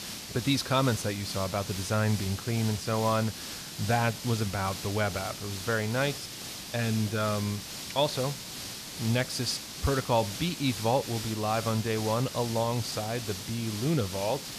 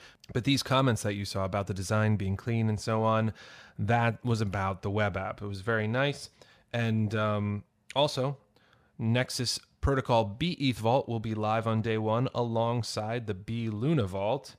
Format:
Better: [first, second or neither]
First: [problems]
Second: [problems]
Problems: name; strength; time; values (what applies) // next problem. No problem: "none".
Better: second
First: hiss; loud; throughout; 7 dB below the speech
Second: none